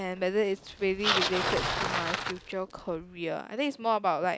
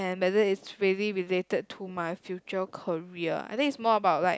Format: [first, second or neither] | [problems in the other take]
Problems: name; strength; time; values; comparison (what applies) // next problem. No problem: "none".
second | background sound (Bicycle); 3 dB below the speech